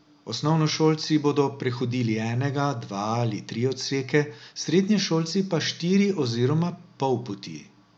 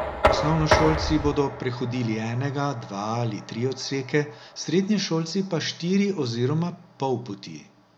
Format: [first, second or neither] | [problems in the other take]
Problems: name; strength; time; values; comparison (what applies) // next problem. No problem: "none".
first | background sound (Knock); 5 dB below the speech